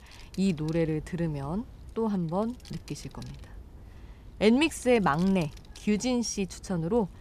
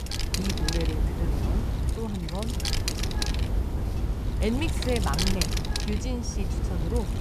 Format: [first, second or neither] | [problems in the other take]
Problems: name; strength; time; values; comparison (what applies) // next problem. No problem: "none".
first | wind noise on the microphone; heavy; 2 dB above the speech; occasional gusts in the first